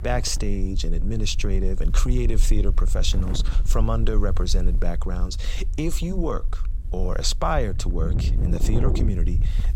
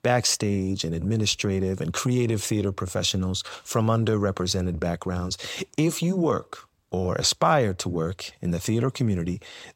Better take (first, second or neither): second